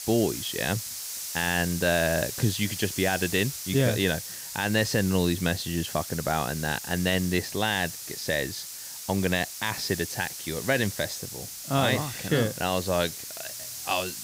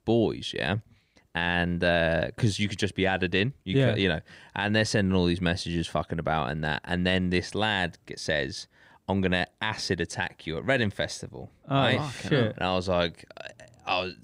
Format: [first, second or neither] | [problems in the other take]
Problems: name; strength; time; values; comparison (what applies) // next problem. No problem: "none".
second | hiss; loud; throughout; 7 dB below the speech